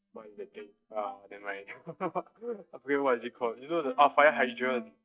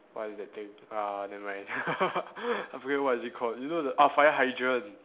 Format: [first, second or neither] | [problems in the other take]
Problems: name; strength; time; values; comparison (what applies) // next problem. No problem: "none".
second | noise reduction (neural mask model DeepFilterNet 3)